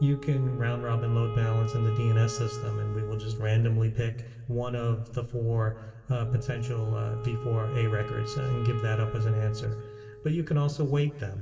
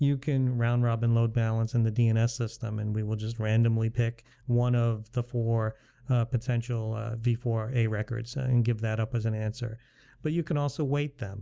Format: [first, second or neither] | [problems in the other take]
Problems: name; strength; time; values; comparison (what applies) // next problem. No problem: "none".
second | background sound (Wind instrument, woodwind instrument); 14 dB below the speech // room echo; dies away in 2.8 s